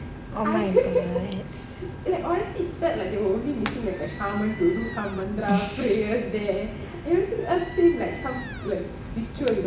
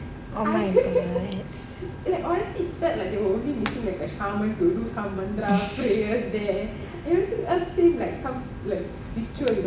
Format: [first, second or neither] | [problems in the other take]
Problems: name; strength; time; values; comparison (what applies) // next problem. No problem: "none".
second | background sound (Squeak); 16 dB below the speech